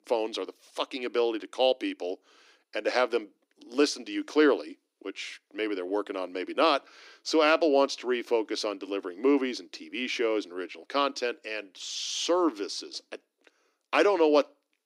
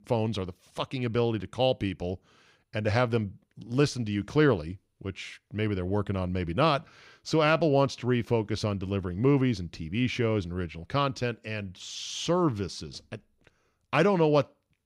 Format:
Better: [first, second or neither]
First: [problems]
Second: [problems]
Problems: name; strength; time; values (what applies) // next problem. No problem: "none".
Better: second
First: thin; somewhat; fading below 300 Hz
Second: none